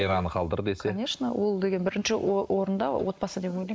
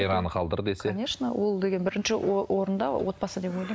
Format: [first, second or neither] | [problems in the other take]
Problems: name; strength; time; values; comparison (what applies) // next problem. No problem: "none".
second | noise reduction (neural mask model Resemble Enhance denoiser)